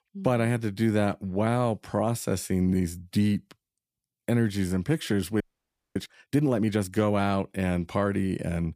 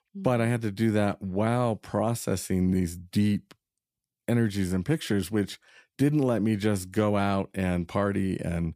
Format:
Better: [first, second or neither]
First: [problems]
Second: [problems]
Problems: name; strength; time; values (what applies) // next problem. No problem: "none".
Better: second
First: audio freezing; at 5.5 s for 0.5 s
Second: none